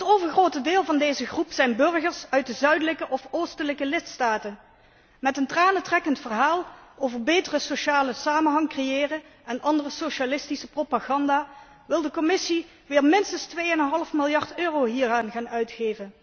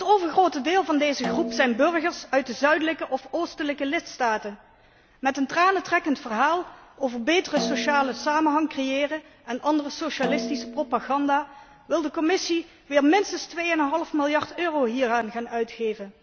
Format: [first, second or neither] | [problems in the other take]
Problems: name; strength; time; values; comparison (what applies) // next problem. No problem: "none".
first | background sound (Snare drum); 11 dB below the speech